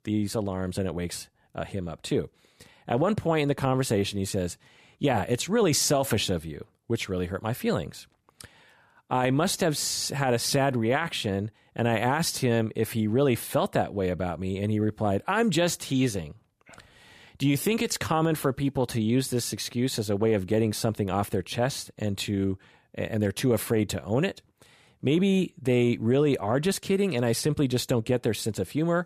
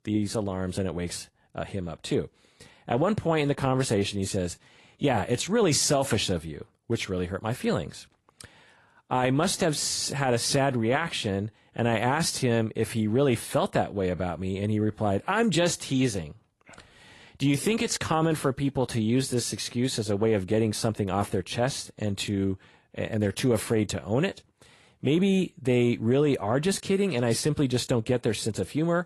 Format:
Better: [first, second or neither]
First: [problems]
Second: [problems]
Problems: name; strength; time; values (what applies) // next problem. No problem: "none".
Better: first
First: none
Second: garbled, watery; slightly; nothing above 11.5 kHz